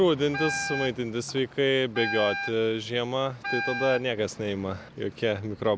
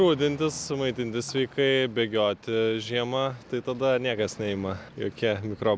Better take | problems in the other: second | background sound (Wind instrument, woodwind instrument); 7 dB below the speech

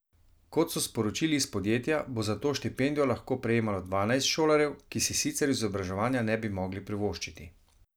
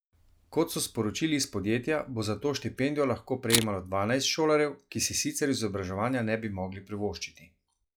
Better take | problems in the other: first | noise reduction (classical method log-MMSE)

